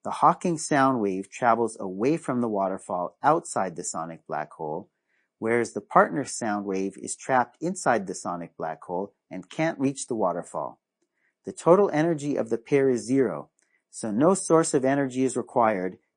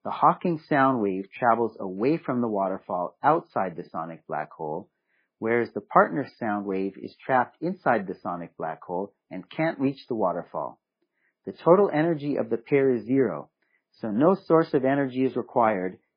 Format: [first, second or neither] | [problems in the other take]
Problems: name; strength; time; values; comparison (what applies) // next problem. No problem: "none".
first | garbled, watery; badly; slightly in the first